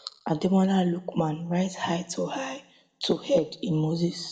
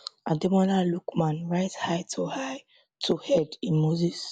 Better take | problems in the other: second | room echo; dies away in 0.6 s

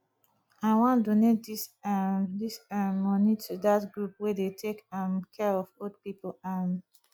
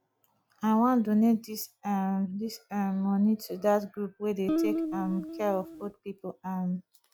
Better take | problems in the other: first | background sound (Guitar); 3 dB below the speech

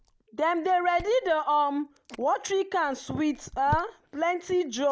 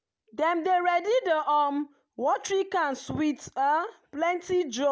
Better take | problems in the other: second | background sound (Chewing, mastication); 18 dB below the speech

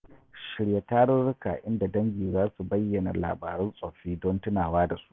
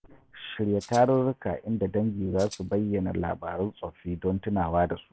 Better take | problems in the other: first | background sound (Rattle (instrument)); 18 dB below the speech

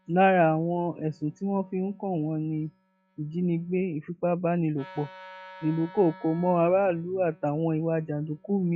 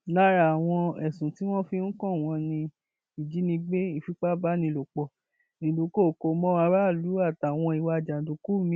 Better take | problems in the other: second | noise reduction (classical method log-MMSE)

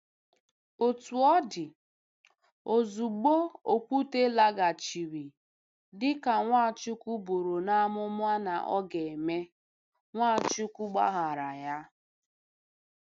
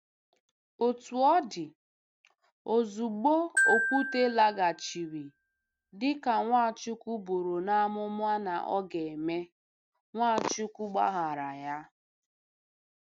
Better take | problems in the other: first | background sound (Glockenspiel); 2 dB below the speech

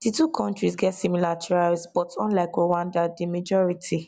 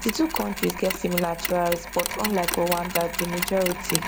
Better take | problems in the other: first | background sound (Mechanisms); 4 dB below the speech

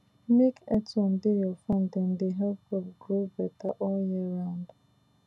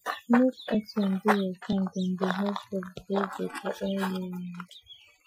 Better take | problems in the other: first | noise reduction (classical method Wiener filter)

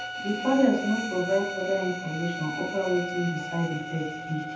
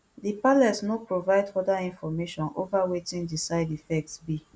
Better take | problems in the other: second | background sound (Bowed string instrument); 7 dB below the speech // room echo; dies away in 0.8 s

